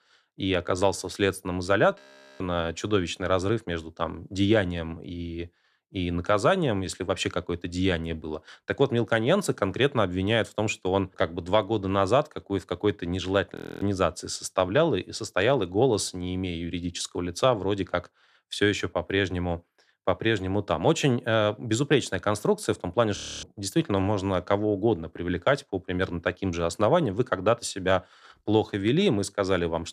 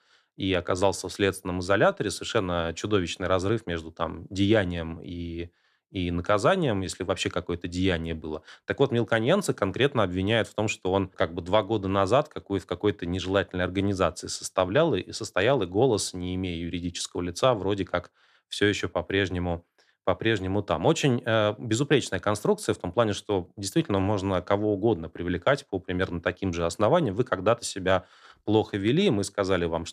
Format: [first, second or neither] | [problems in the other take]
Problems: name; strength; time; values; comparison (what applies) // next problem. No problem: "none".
second | audio freezing; at 2 s, at 14 s and at 23 s